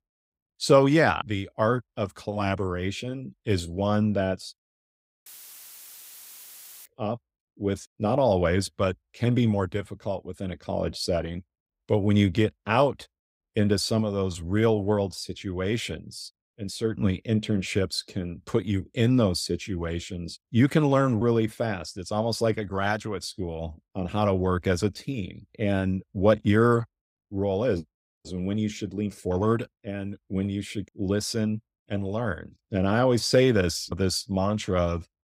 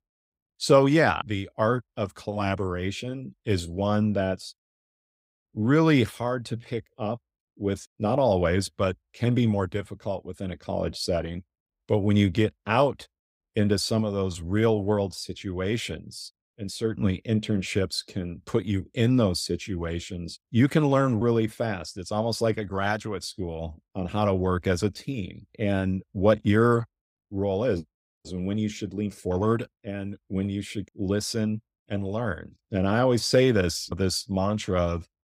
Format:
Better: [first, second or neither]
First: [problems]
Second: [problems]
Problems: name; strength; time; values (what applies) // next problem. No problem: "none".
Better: second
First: audio cutting out; filled with static; at 5.5 s for 1.5 s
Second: none